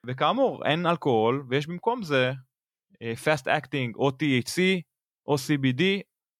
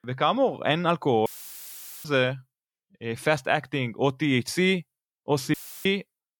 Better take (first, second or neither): first